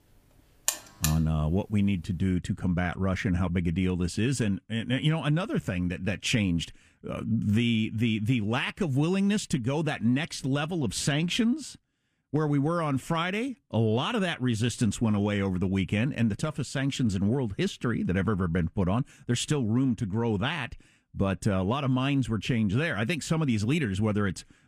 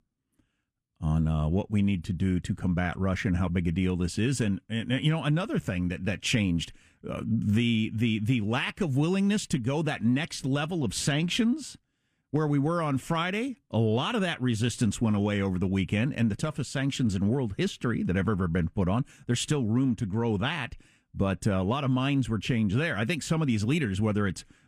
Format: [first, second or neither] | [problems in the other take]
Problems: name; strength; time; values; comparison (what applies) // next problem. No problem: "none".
second | alarm; noticeable; at 0.5 s; peak 3 dB below the speech